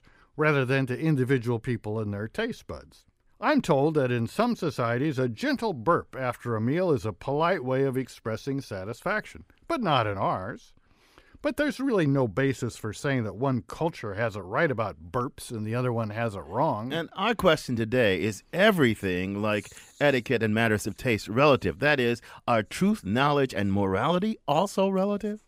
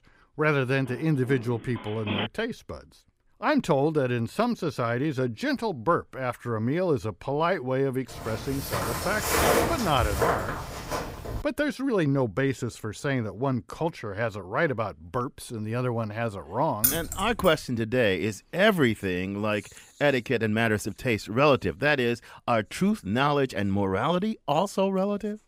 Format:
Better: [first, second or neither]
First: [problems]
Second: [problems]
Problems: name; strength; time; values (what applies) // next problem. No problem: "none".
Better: first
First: none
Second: phone ringing; noticeable; from 1 to 2.5 s; peak 4 dB below the speech // footsteps; loud; from 8 to 11 s; peak 5 dB above the speech // jangling keys; loud; at 17 s; peak 3 dB above the speech